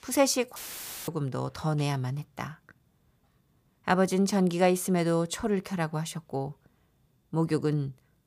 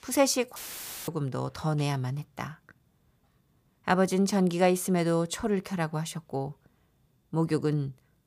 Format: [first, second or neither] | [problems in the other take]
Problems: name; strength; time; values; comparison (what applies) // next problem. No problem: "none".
neither | audio cutting out; filled with static; at 0.5 s for 0.5 s; the same in both